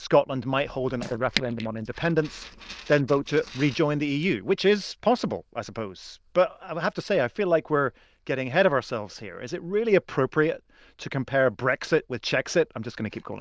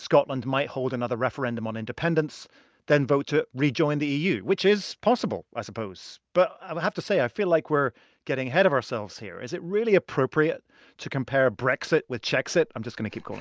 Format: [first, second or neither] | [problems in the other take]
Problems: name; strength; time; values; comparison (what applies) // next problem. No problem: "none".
second | noise reduction (neural diffusion model UNIVERSE++)